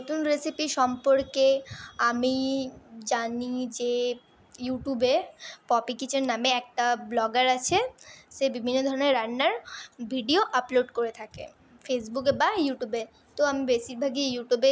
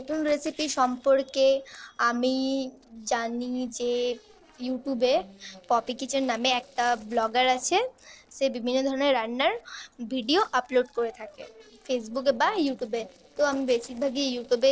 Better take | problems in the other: first | noise reduction (neural separator model SepFormer DNS4)

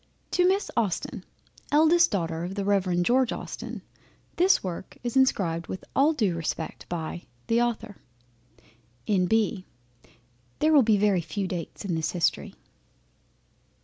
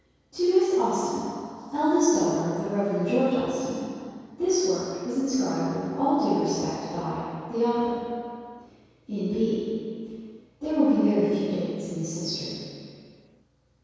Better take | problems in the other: first | room echo; dies away in 2.2 s

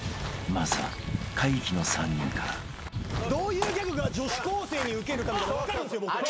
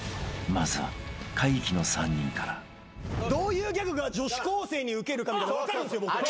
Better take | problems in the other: second | background sound (Walk, footsteps / Bird vocalization, bird call, bird song); 5 dB below the speech

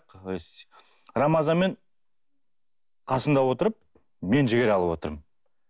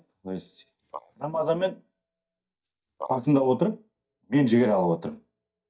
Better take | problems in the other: first | noise reduction (neural mask model DeepFilterNet 3)

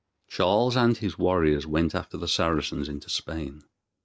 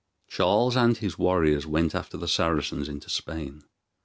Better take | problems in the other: second | noise reduction (neural mask model Resemble Enhance denoiser)

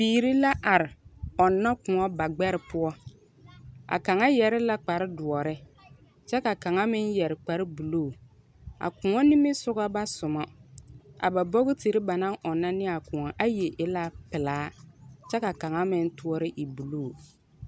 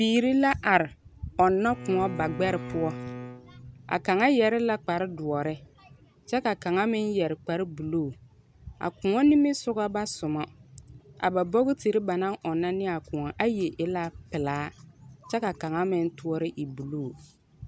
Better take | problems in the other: first | background sound (Bowed string instrument); 12 dB below the speech

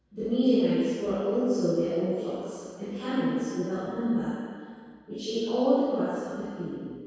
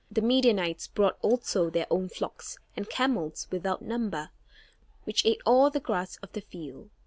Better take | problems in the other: second | room echo; dies away in 2 s

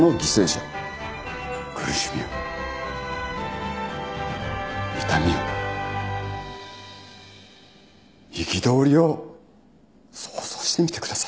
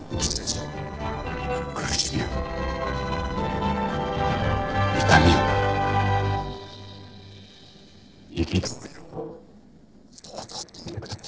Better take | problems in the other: first | noise reduction (neural separator model SepFormer DNS4)

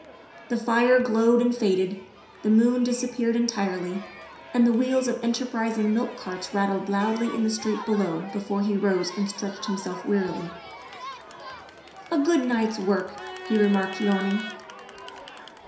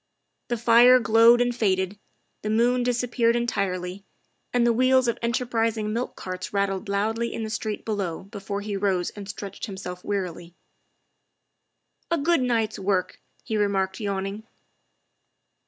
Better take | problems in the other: second | background sound (Crowd); 16 dB below the speech // room echo; dies away in 0.7 s

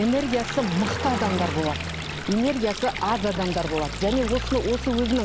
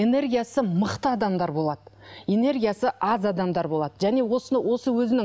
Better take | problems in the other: second | background sound (Stream + Car passing by); 6 dB below the speech

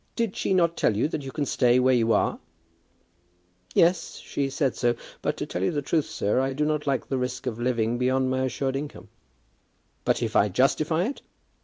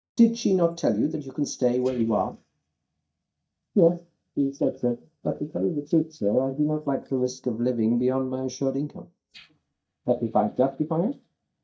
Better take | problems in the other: first | noise reduction (neural mask model DeepFilterNet 3)

